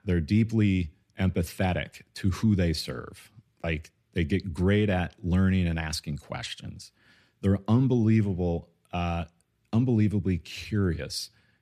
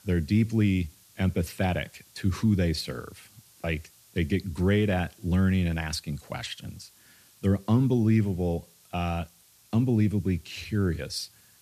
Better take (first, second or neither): first